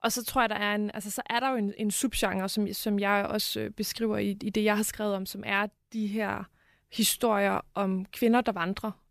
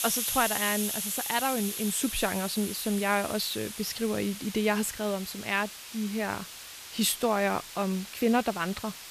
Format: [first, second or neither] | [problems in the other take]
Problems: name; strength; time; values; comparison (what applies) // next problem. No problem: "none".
first | hiss; loud; throughout; 6 dB below the speech